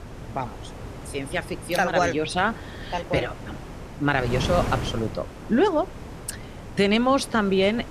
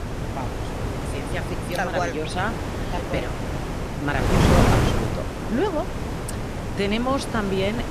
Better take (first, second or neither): first